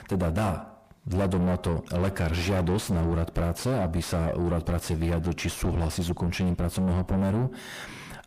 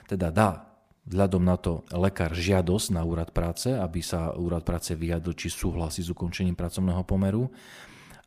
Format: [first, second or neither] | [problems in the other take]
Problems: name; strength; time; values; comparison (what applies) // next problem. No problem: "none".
second | distortion; heavy; 6 dB below the speech